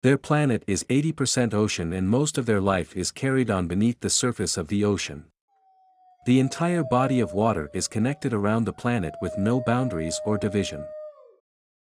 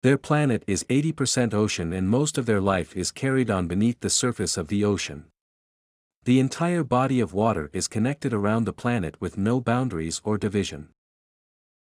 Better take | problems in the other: second | dog barking; noticeable; from 6.5 to 11 s; peak 10 dB below the speech

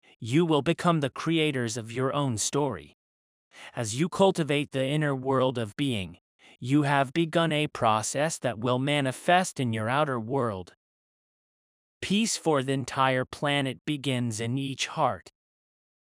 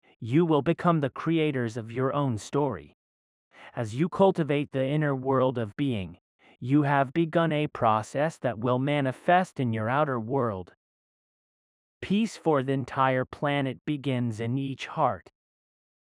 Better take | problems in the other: first | muffled; slightly; fading above 3 kHz

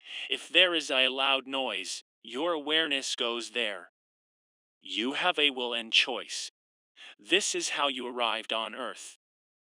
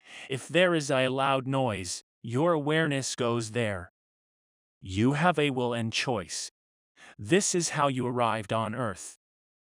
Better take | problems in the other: second | thin; somewhat; fading below 250 Hz

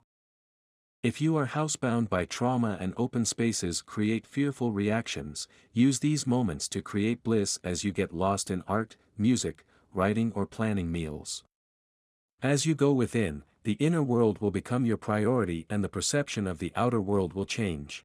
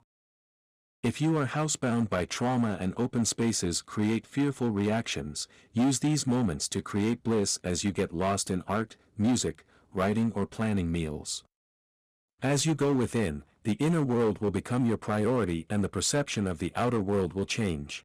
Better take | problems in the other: first | distortion; slight; 7% of the sound clipped

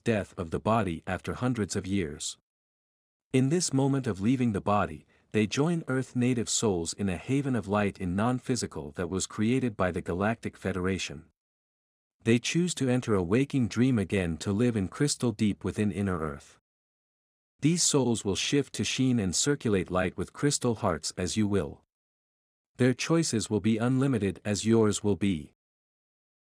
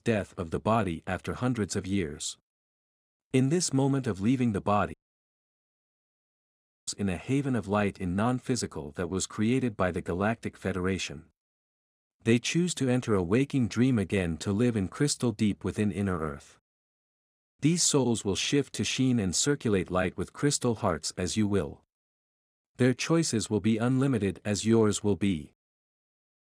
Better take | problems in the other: first | audio cutting out; at 5 s for 2 s

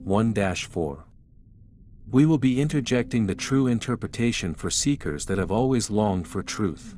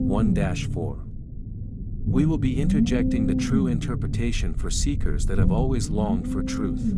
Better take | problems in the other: first | low rumble; loud; throughout; 2 dB below the speech; faint in the first

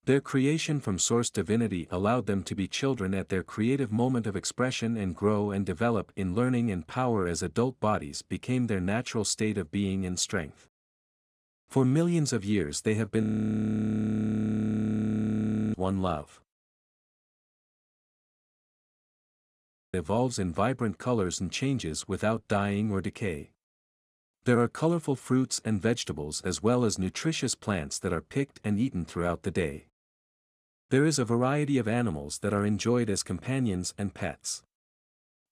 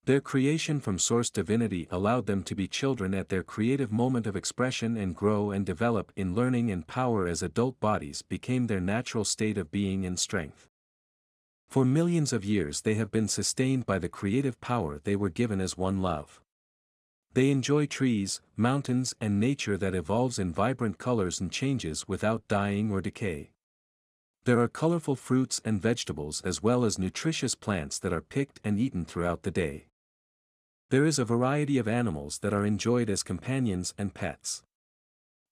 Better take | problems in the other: second | audio freezing; at 13 s for 2.5 s and at 17 s for 2.5 s

